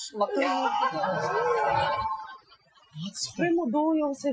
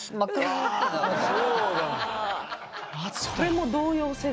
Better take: second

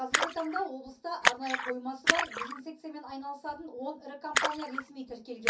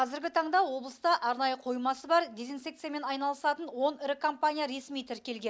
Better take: second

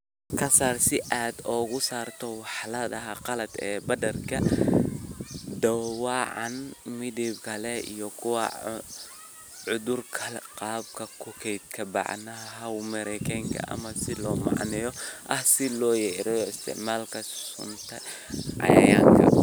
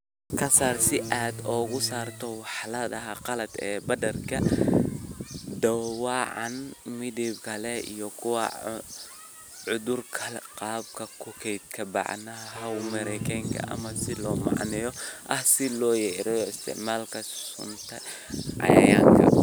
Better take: first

